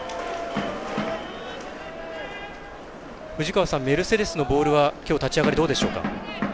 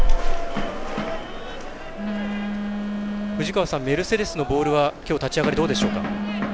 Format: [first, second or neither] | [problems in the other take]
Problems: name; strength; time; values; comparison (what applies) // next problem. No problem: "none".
first | background sound (Telephone); 1 dB above the speech